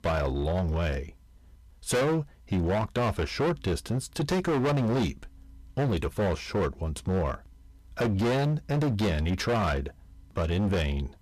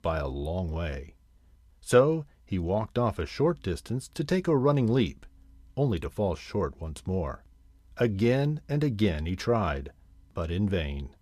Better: second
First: distortion; heavy; 19% of the sound clipped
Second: none

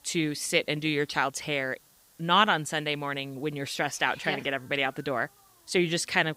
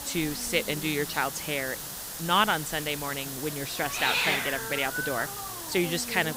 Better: first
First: hiss; faint; throughout; 25 dB below the speech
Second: hiss; loud; throughout; 3 dB below the speech

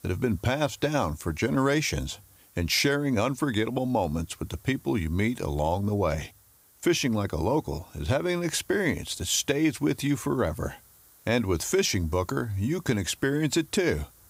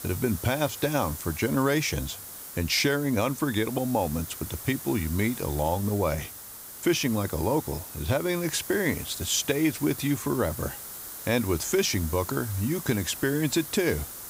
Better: first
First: hiss; faint; throughout; 25 dB below the speech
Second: hiss; loud; throughout; 10 dB below the speech

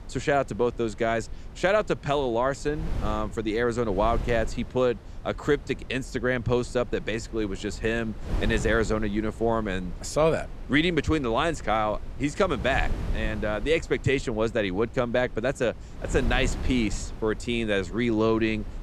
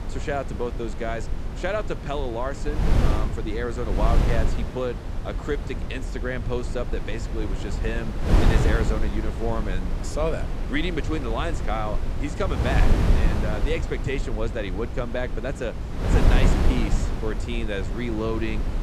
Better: first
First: wind noise on the microphone; occasional gusts; 20 dB below the speech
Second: wind noise on the microphone; heavy; 4 dB below the speech

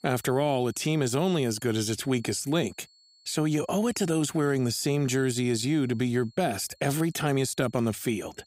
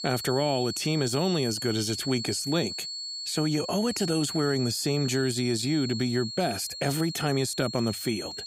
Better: first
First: high-pitched whine; faint; throughout; 4.5 kHz, 30 dB below the speech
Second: high-pitched whine; loud; throughout; 4.5 kHz, 6 dB below the speech

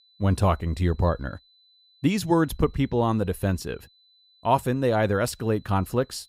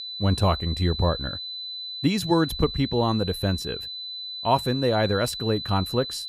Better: first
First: high-pitched whine; faint; throughout; 4 kHz, 35 dB below the speech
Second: high-pitched whine; loud; throughout; 4 kHz, 7 dB below the speech

